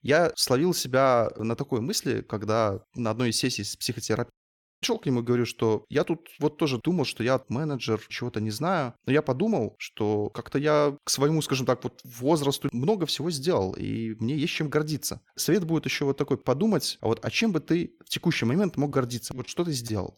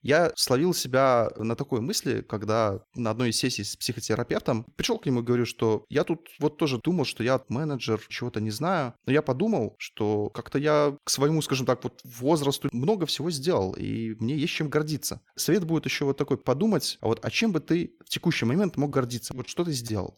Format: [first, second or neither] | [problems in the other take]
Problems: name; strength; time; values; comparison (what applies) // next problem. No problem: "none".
second | audio cutting out; at 4.5 s for 0.5 s